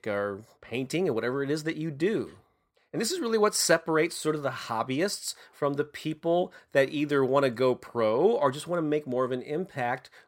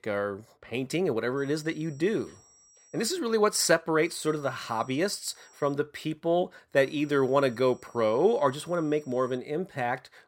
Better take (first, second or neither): first